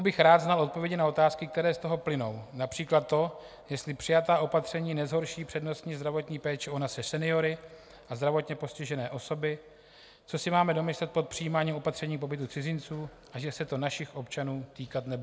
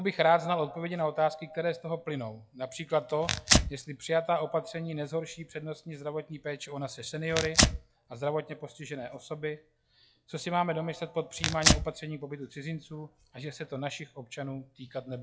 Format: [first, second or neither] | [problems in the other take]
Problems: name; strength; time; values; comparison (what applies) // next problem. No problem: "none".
first | noise reduction (classical method log-MMSE)